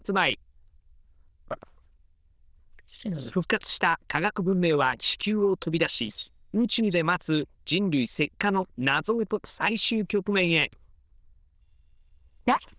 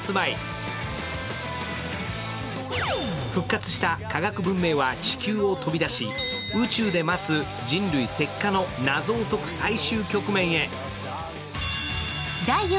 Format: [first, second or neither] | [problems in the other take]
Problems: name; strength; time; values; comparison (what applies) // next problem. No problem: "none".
second | noise reduction (neural diffusion model UNIVERSE++)